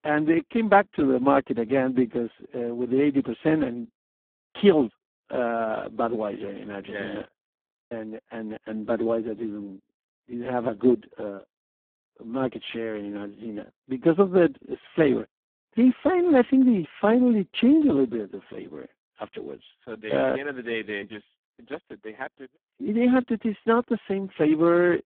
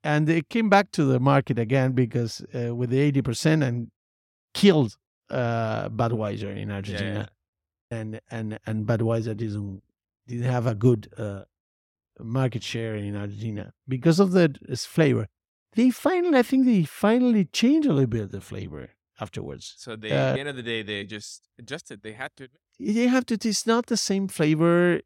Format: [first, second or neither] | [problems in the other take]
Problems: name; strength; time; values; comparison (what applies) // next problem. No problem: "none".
second | phone-call audio; poor line